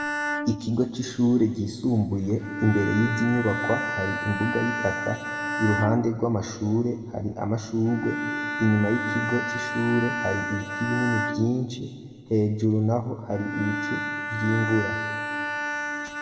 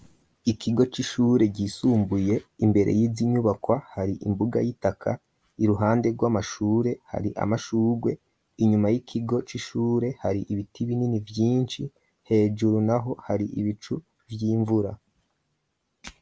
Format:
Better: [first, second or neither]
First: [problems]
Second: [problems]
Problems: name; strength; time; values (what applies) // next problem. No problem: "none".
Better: second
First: background sound (Bowed string instrument); 5 dB below the speech // room echo; dies away in 1.8 s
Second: none